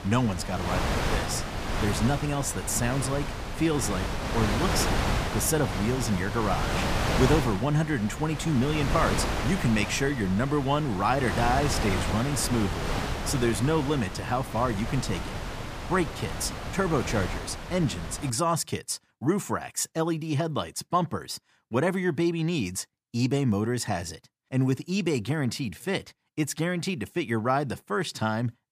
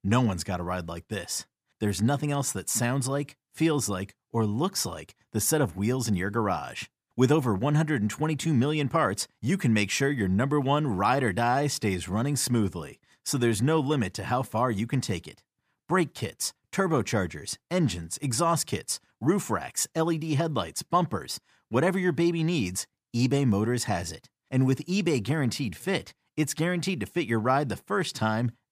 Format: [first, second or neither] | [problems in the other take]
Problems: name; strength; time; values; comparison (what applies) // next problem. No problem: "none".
second | wind noise on the microphone; heavy; until 18 s; 3 dB below the speech